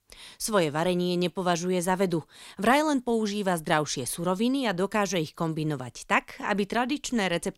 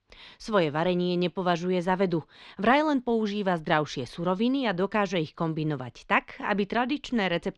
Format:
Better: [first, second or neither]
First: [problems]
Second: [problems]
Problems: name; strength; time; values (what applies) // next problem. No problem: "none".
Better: first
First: none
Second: muffled; slightly; fading above 4 kHz